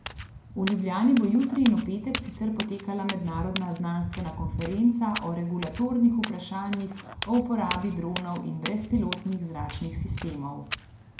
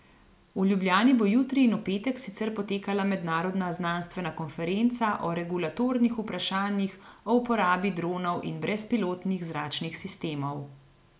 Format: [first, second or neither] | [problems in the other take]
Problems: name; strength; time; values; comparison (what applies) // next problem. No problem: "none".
second | background sound (Walk, footsteps); 10 dB below the speech // room echo; dies away in 0.4 s